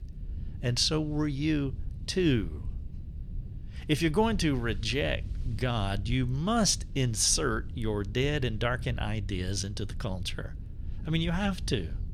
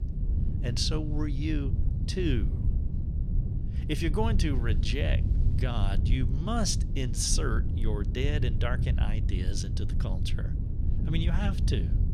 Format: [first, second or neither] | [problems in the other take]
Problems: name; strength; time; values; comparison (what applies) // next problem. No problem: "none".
first | low rumble; loud; throughout; 9 dB below the speech; faint in the first